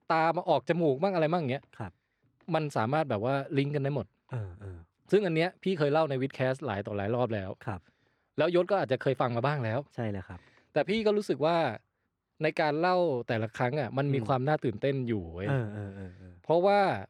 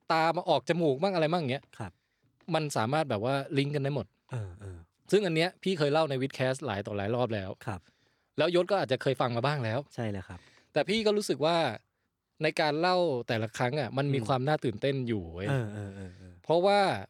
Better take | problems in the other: second | muffled; slightly; fading above 3.5 kHz

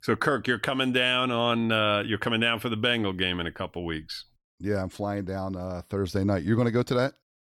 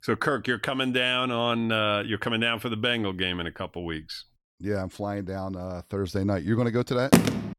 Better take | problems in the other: first | phone ringing; loud; at 7 s; peak 6 dB above the speech

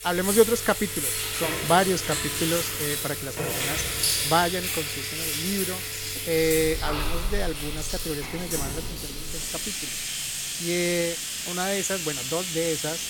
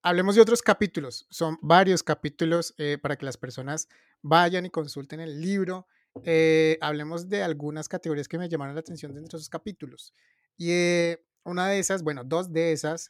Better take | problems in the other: second | household noises; loud; throughout; as loud as the speech

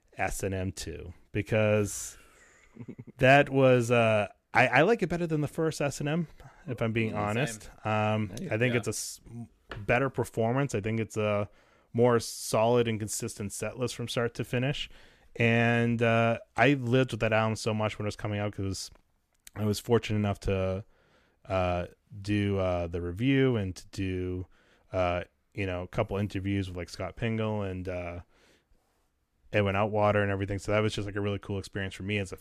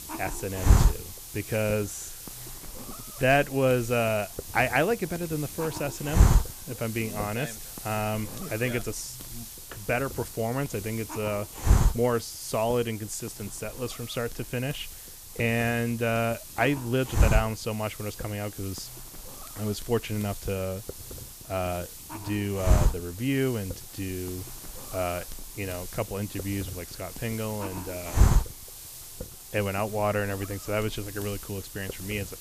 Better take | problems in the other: first | hiss; loud; throughout; 3 dB below the speech

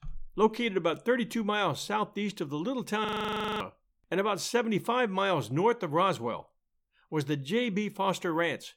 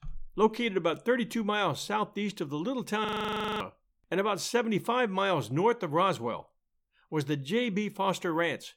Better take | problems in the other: neither | audio freezing; at 3 s for 0.5 s; the same in both

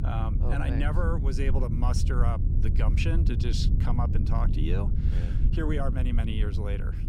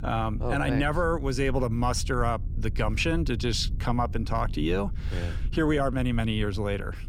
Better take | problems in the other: second | low rumble; loud; throughout; 6 dB below the speech; faint in the second

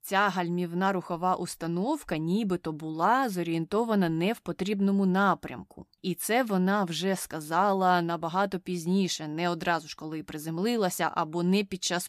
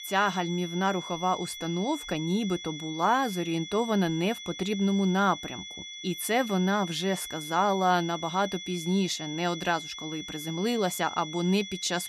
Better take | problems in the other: first | high-pitched whine; loud; throughout; 3.5 kHz, 10 dB below the speech

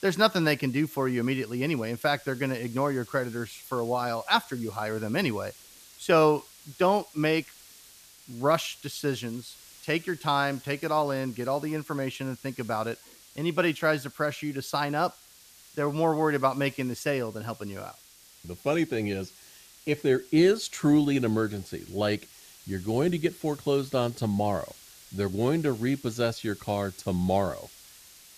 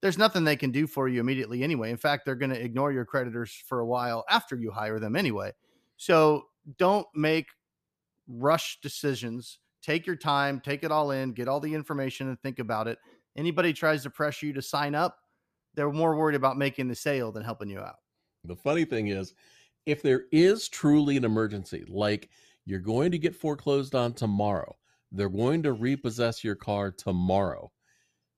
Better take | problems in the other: second | hiss; faint; throughout; 20 dB below the speech

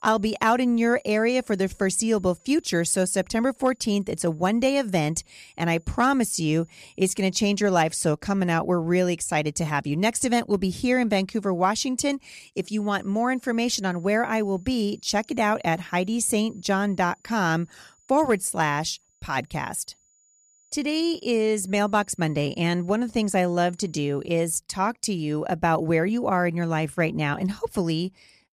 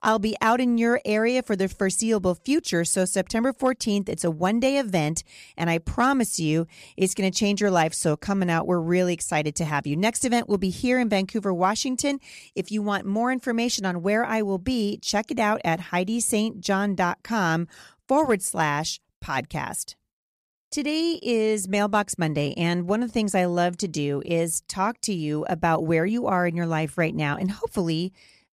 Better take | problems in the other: second | high-pitched whine; faint; until 7.5 s and from 13 to 25 s; 7 kHz, 35 dB below the speech

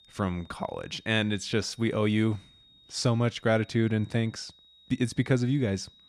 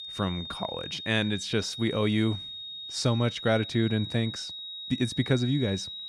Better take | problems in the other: first | high-pitched whine; loud; throughout; 4 kHz, 8 dB below the speech; faint in the first

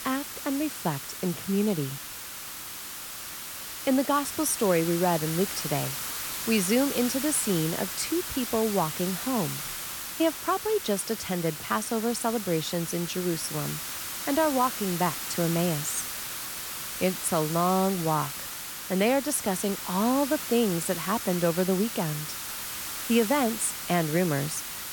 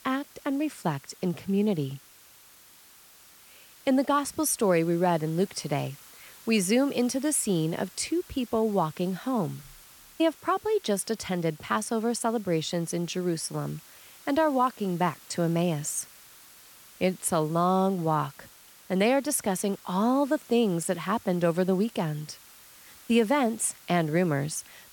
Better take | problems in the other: second | hiss; loud; throughout; 5 dB below the speech; faint in the second

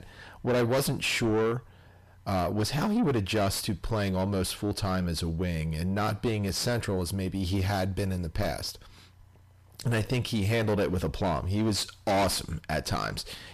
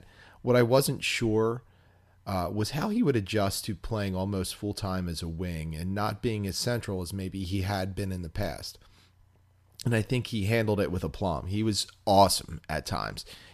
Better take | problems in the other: second | distortion; heavy; 6 dB below the speech

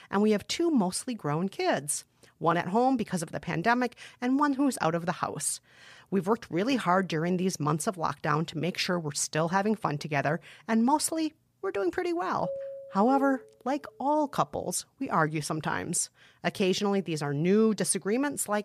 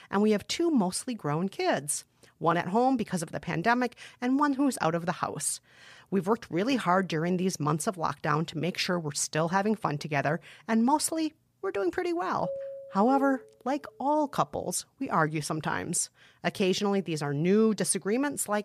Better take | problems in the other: neither | doorbell; noticeable; from 12 to 13 s; peak 8 dB below the speech; the same in both

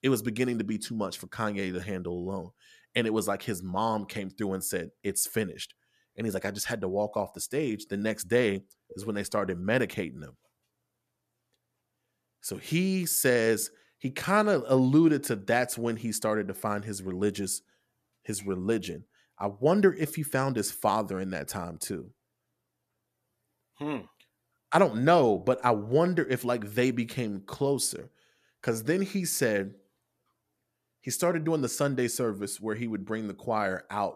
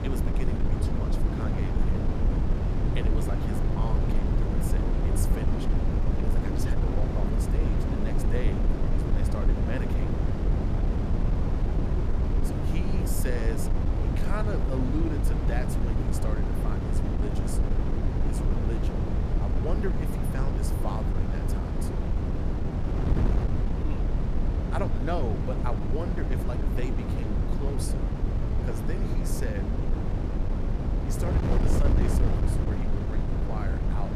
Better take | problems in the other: first | wind noise on the microphone; heavy; 3 dB above the speech

